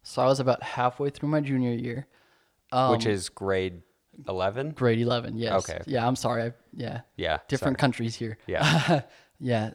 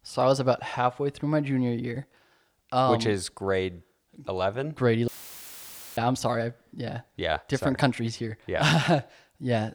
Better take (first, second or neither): first